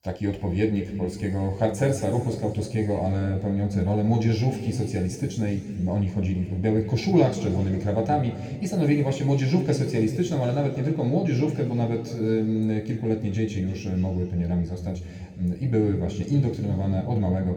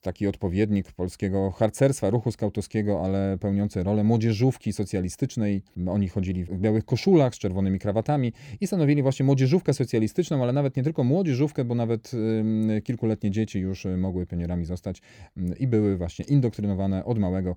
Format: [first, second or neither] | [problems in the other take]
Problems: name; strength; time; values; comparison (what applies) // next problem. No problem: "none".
second | room echo; noticeable; dies away in 2 s // off-mic speech; somewhat distant